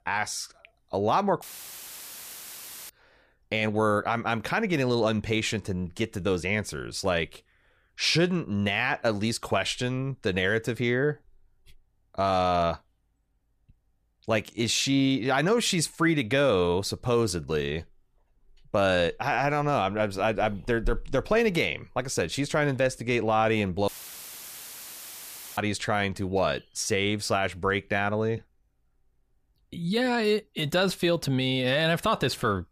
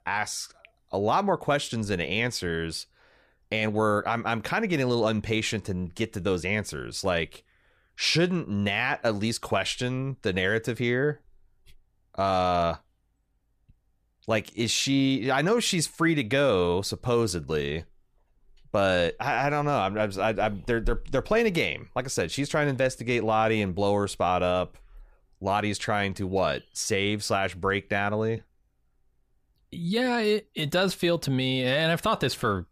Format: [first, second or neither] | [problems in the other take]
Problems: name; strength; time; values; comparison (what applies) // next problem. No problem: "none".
second | audio cutting out; filled with static; at 1.5 s for 1.5 s and at 24 s for 1.5 s